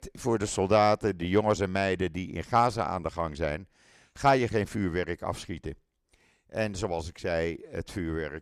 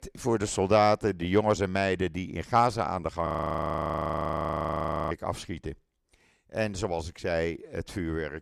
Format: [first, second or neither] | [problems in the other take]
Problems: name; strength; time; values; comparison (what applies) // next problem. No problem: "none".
first | audio freezing; at 3.5 s for 2 s